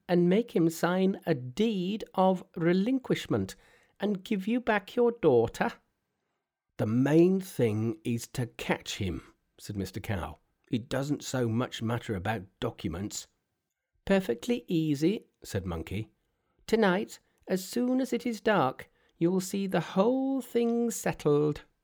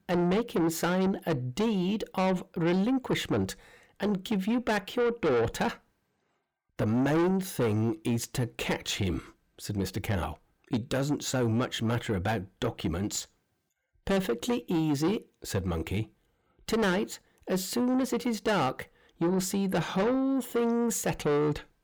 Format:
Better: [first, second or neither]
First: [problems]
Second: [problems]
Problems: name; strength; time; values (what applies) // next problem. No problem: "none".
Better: first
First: none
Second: distortion; heavy; 8 dB below the speech